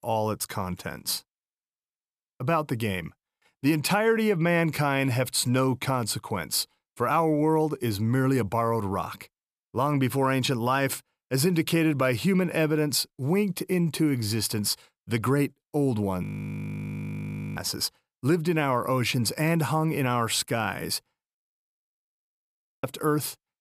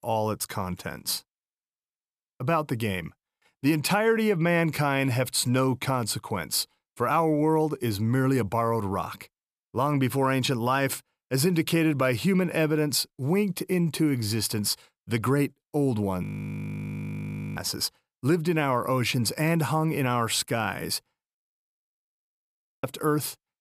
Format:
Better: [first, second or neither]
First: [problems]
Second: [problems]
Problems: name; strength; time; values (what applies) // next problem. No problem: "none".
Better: neither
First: audio freezing; at 16 s for 1.5 s and at 21 s for 1.5 s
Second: audio freezing; at 16 s for 1.5 s and at 21 s for 1.5 s